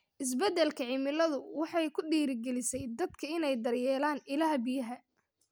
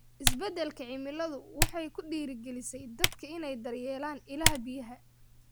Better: first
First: none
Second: background sound (Typing); 3 dB above the speech

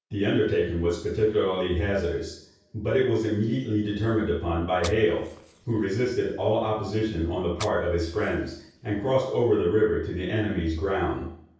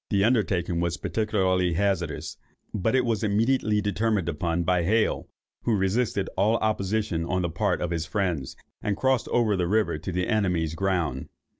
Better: second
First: background sound (Fire); 20 dB below the speech // room echo; dies away in 0.6 s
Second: none

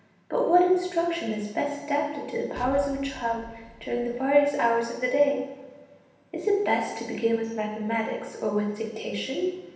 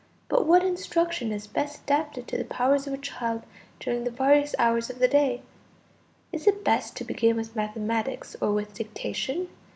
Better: second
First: background sound (Explosion); 18 dB below the speech // room echo; dies away in 0.9 s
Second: none

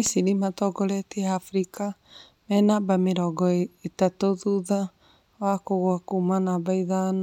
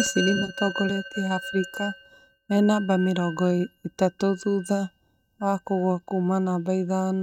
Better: first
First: none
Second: noise reduction (neural mask model RNNoise)

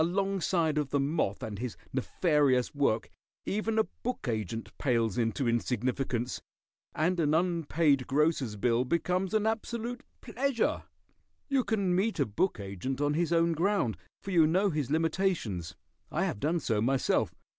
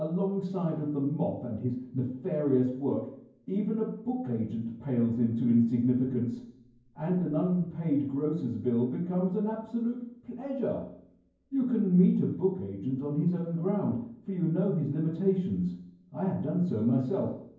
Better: first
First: none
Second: room echo; dies away in 0.9 s

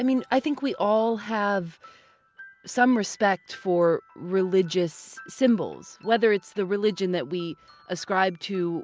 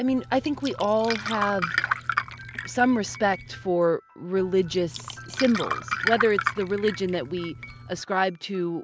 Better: first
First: none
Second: background sound (Glass); 6 dB below the speech

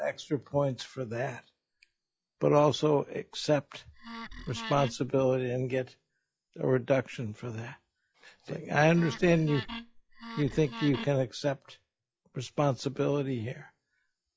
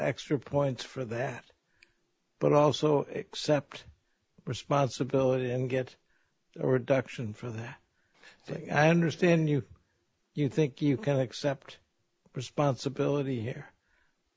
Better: second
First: noise reduction (classical method log-MMSE)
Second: none

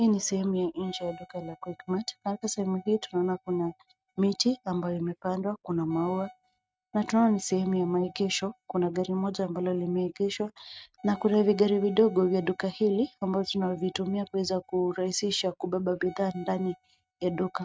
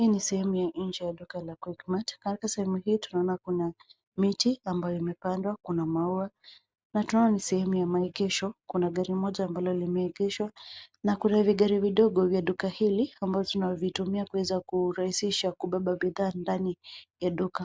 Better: second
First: noise reduction (neural mask model RNNoise)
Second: none

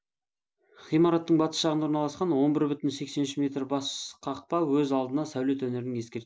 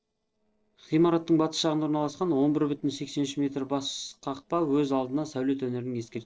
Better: first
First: none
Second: noise reduction (neural separator model SepFormer DNS4)

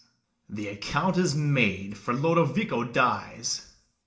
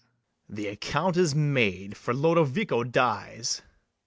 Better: second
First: room echo; dies away in 0.4 s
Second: none

